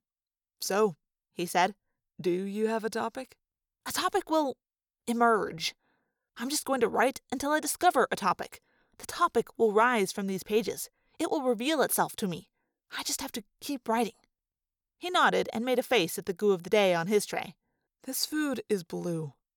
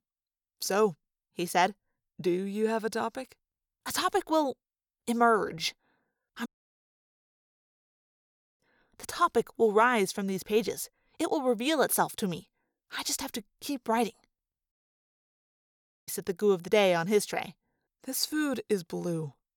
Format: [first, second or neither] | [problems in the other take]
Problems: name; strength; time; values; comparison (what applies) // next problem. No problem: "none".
first | audio cutting out; at 6.5 s for 2 s and at 15 s for 1.5 s